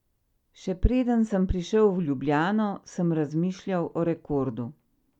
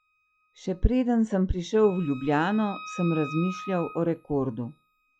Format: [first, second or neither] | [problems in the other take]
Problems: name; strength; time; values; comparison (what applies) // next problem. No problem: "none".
first | noise reduction (classical method log-MMSE)